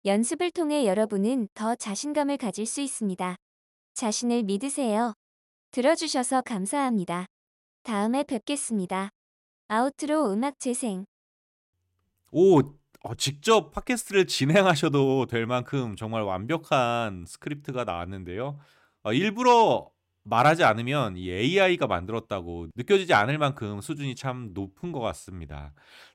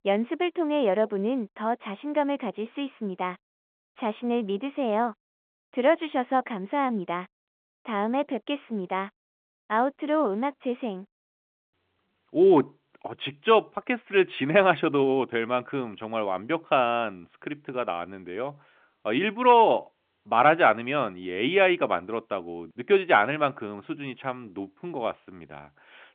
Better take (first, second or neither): first